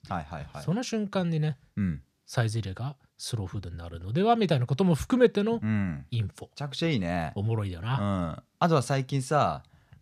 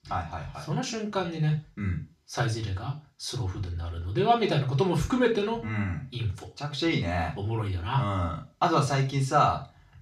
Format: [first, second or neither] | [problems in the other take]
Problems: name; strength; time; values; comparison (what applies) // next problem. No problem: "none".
first | room echo; slight; dies away in 0.3 s // off-mic speech; far